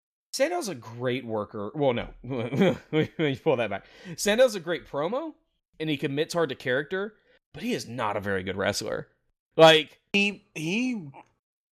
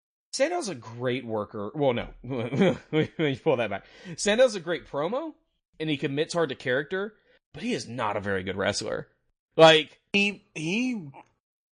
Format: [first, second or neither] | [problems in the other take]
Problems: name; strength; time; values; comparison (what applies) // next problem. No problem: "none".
first | garbled, watery; slightly; nothing above 9 kHz